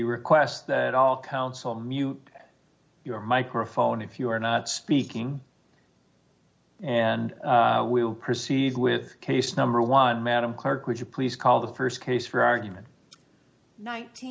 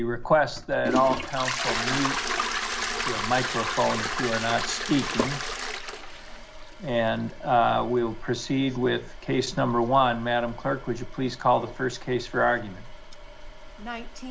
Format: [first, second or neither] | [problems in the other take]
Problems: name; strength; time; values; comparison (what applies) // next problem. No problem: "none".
first | background sound (Toilet flush); 6 dB below the speech